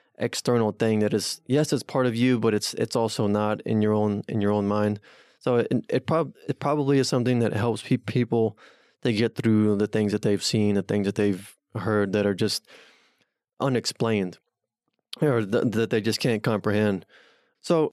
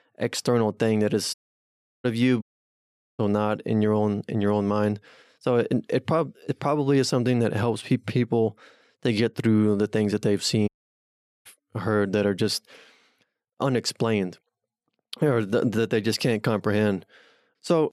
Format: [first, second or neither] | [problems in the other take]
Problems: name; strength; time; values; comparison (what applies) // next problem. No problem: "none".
first | audio cutting out; at 1.5 s for 0.5 s, at 2.5 s for 1 s and at 11 s for 1 s